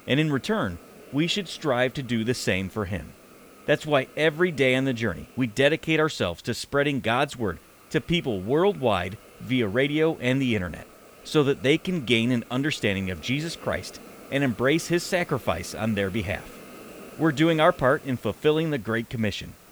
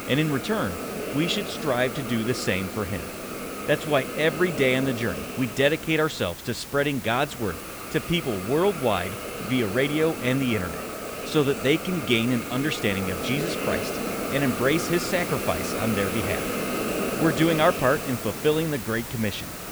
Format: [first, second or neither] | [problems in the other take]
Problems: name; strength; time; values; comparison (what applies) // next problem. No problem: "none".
first | hiss; loud; throughout; 6 dB below the speech; faint in the first